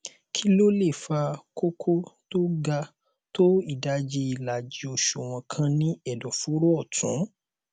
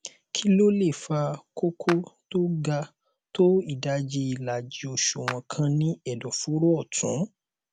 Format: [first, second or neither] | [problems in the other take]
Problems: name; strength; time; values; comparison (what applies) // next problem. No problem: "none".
first | background sound (Clapping); 14 dB below the speech